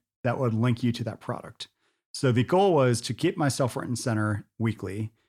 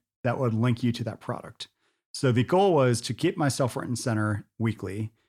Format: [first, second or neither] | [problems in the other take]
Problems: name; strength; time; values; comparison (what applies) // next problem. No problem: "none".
neither | none